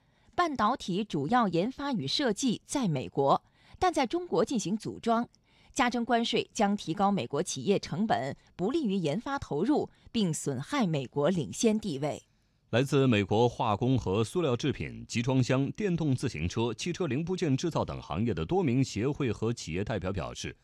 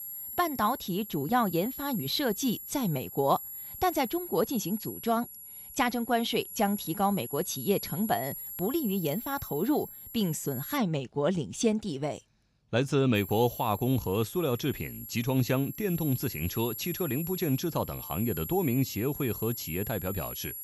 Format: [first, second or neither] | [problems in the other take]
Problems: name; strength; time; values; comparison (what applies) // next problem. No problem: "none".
first | high-pitched whine; loud; until 11 s and from 13 s on; 11.5 kHz, 9 dB below the speech